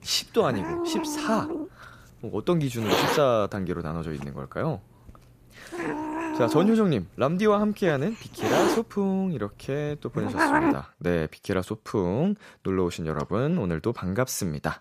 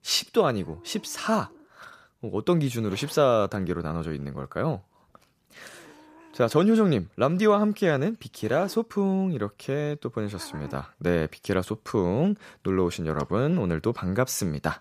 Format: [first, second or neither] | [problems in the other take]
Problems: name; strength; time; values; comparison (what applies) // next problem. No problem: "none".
second | hiss; loud; until 11 s; 1 dB below the speech; faint in the second